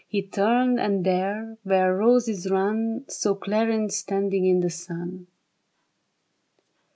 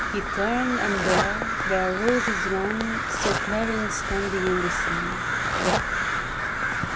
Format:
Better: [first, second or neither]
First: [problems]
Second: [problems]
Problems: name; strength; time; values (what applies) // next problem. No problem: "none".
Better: first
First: none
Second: background sound (Zipper (clothing) + Crow); 3 dB above the speech